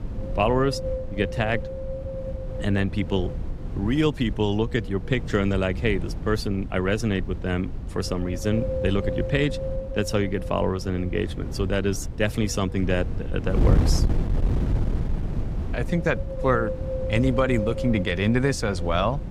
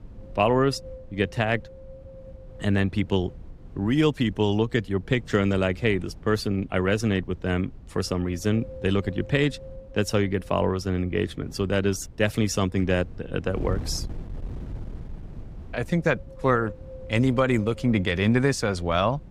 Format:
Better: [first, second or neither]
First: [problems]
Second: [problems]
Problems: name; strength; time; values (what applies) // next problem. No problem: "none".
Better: second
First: wind noise on the microphone; heavy; 8 dB below the speech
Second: wind noise on the microphone; occasional gusts; 20 dB below the speech